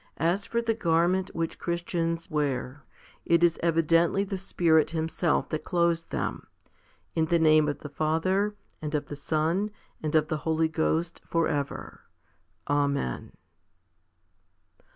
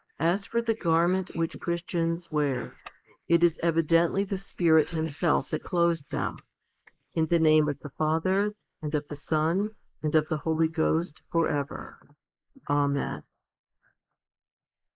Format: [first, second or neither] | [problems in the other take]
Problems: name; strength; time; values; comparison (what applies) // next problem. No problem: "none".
first | noise reduction (neural mask model Resemble Enhance denoiser)